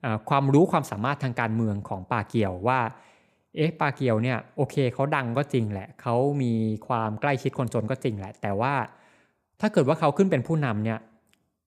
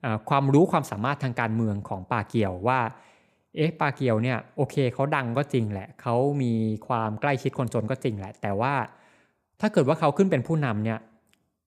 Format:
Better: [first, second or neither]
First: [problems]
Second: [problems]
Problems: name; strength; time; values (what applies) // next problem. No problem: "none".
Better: neither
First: none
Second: none